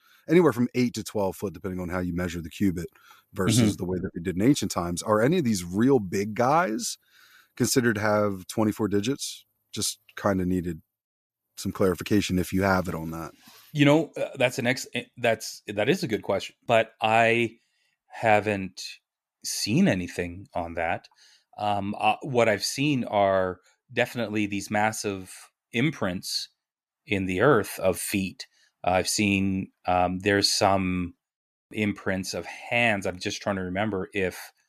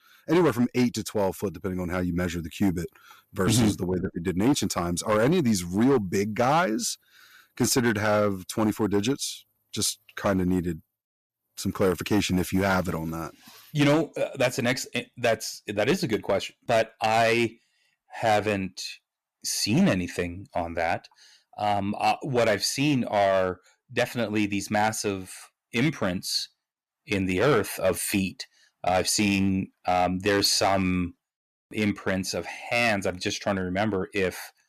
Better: first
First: none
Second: distortion; slight; 5% of the sound clipped

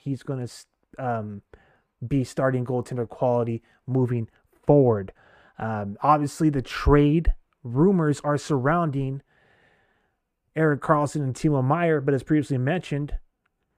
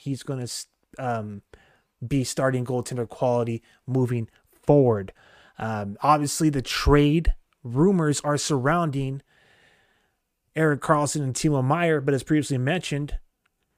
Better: second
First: muffled; slightly; fading above 2.5 kHz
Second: none

